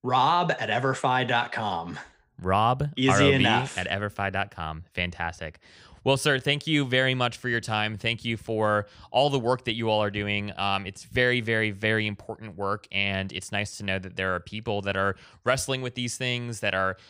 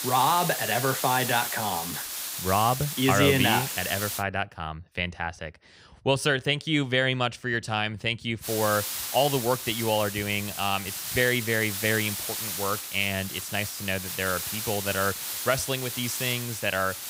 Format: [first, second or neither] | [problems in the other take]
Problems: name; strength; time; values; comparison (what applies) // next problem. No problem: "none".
first | hiss; loud; until 4 s and from 8.5 s on; 4 dB below the speech